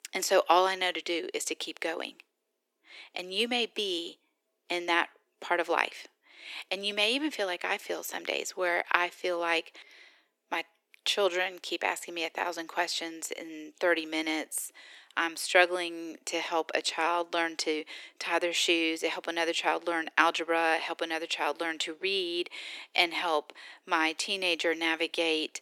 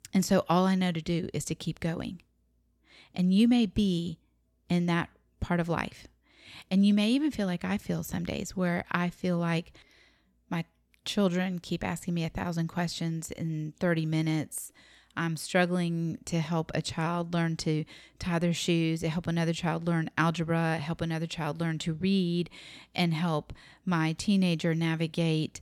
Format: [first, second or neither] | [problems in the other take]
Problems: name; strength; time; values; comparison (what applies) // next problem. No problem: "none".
second | thin; very; fading below 350 Hz